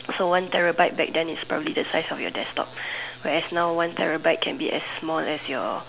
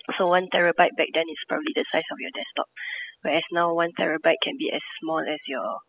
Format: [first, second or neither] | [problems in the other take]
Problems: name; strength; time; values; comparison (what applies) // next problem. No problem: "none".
first | noise reduction (classical method spectral subtraction)